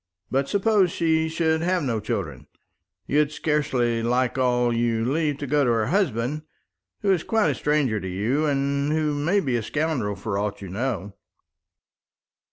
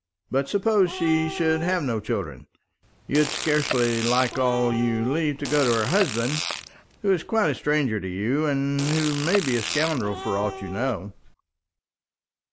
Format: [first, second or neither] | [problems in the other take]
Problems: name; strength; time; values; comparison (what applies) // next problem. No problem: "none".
first | background sound (Cat + Fart); 8 dB below the speech